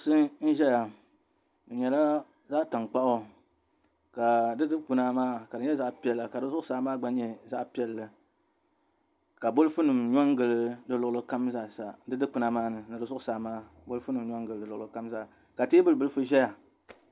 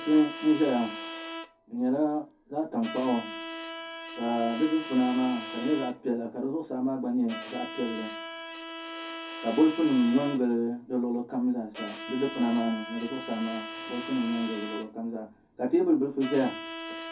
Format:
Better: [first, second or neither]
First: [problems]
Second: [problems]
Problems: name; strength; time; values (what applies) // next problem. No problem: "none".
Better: first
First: none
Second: background sound (Bowed string instrument); 11 dB below the speech // room echo; dies away in 0.3 s